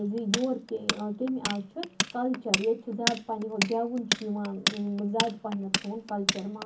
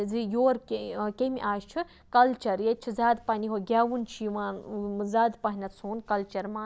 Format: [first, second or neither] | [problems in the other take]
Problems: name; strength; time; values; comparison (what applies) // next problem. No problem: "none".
second | background sound (Tools); 2 dB below the speech // room echo; dies away in 0.3 s